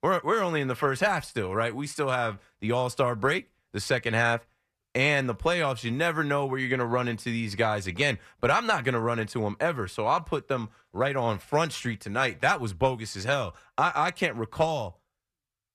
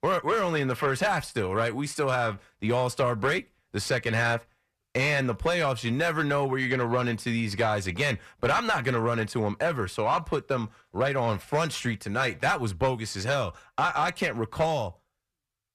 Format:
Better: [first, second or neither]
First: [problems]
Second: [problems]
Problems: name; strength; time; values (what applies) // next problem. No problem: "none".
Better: first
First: none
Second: distortion; slight; 10 dB below the speech